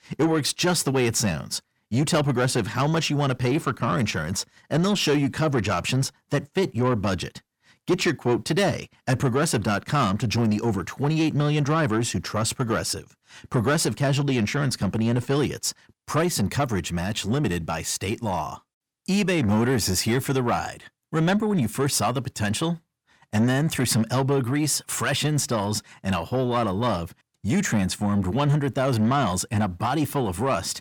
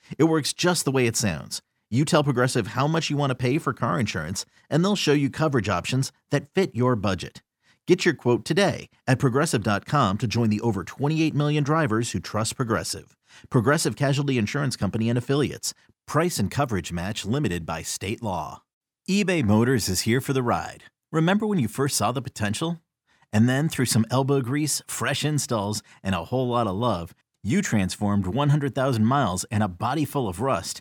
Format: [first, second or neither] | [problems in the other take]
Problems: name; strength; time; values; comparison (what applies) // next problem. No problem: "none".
second | distortion; slight; 10 dB below the speech